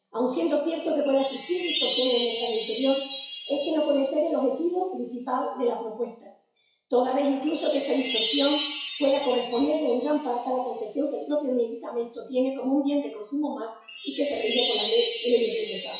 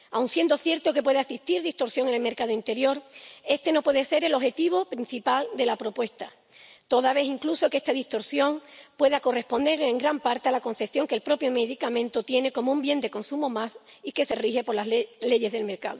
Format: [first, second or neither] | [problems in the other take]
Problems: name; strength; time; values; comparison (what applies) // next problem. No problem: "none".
second | noise reduction (classical method WPE with log-MMSE)